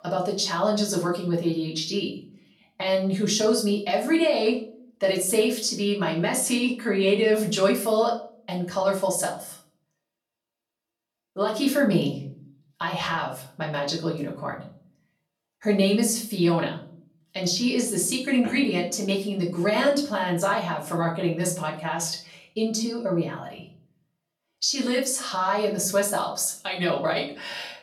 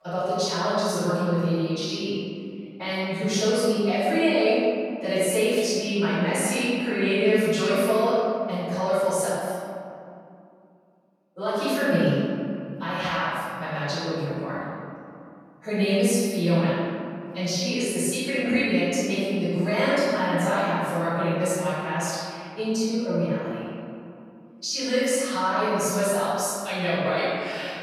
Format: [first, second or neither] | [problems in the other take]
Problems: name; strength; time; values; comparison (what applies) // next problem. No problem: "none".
first | room echo; strong; dies away in 2.5 s; slight in the first // off-mic speech; far; far in the first